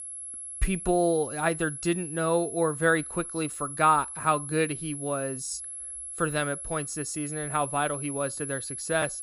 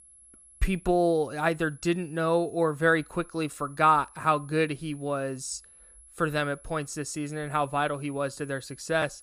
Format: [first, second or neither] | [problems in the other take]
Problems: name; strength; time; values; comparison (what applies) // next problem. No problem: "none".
second | high-pitched whine; loud; throughout; 11 kHz, 7 dB below the speech; faint in the second